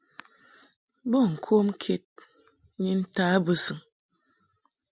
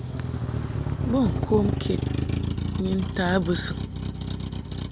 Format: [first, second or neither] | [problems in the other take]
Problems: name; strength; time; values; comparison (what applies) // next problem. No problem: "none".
first | background sound (Motor vehicle (road)); as loud as the speech